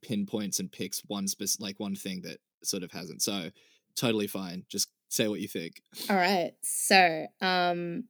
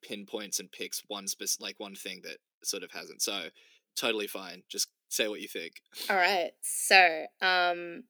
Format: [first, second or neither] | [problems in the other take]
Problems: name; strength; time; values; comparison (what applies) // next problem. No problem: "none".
first | thin; somewhat; fading below 450 Hz